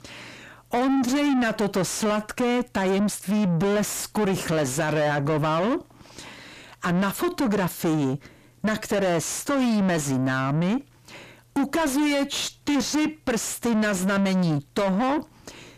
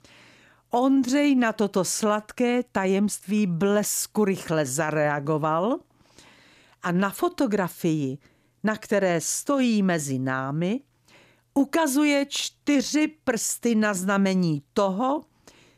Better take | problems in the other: second | distortion; heavy; 7 dB below the speech

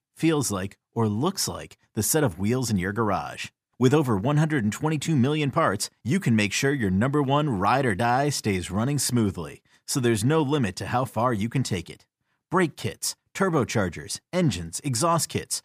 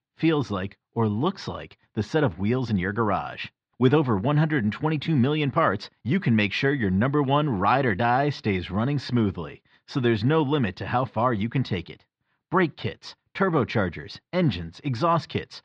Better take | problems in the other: first | muffled; slightly; fading above 4 kHz

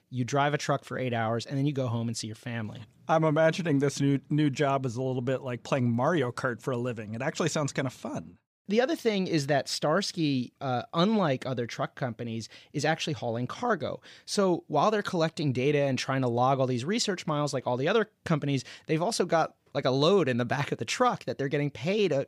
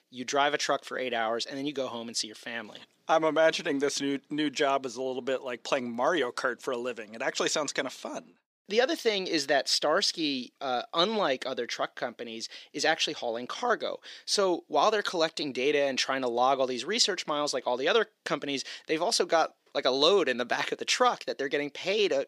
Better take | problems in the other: first | thin; somewhat; fading below 300 Hz

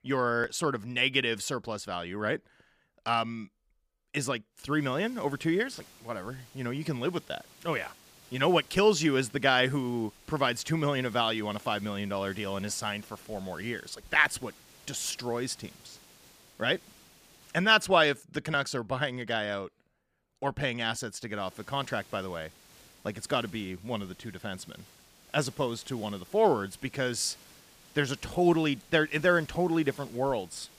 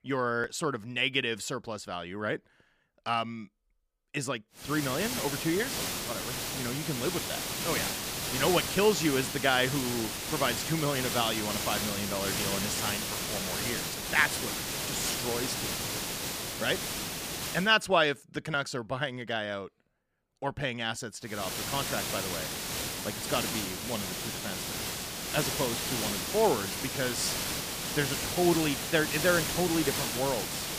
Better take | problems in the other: first | hiss; loud; from 4.5 to 18 s and from 21 s on; 1 dB below the speech; faint in the first

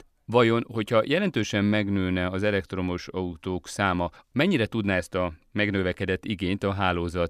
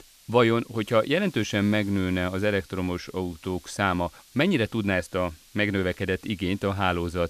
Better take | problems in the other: first | hiss; faint; throughout; 25 dB below the speech

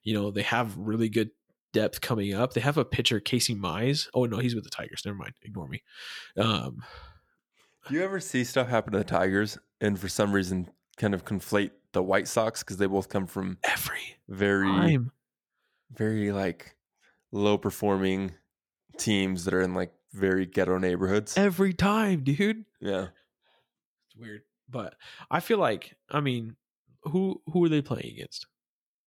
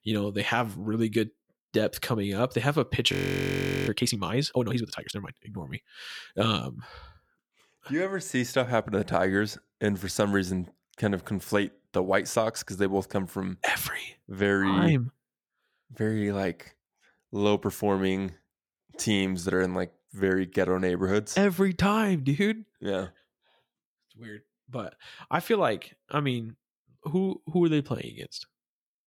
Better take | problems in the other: first | audio freezing; at 3 s for 1 s

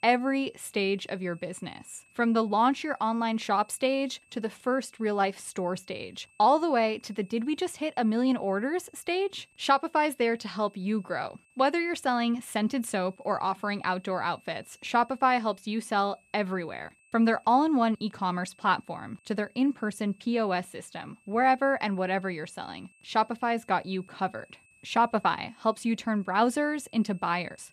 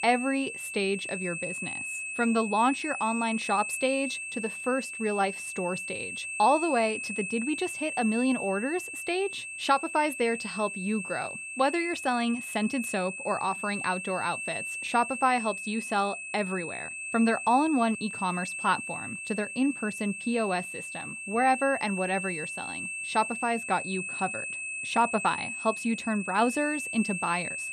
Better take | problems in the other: first | high-pitched whine; loud; throughout; 2.5 kHz, 5 dB below the speech; faint in the first

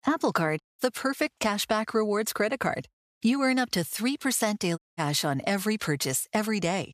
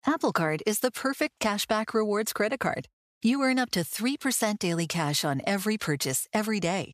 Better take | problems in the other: second | audio cutting out; at 0.5 s and at 5 s

